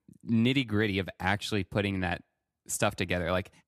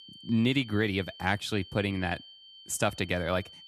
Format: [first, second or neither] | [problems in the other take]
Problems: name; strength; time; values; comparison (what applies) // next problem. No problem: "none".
first | high-pitched whine; noticeable; throughout; 3 kHz, 20 dB below the speech